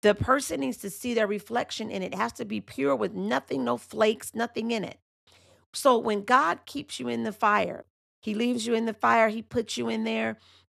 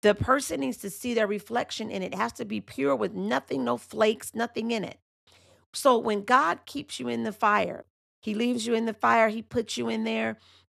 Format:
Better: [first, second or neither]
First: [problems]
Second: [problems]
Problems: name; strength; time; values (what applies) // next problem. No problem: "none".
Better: neither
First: none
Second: none